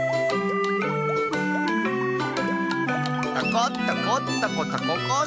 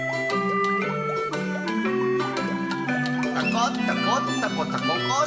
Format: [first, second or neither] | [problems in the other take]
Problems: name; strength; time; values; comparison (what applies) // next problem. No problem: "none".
first | room echo; dies away in 2.2 s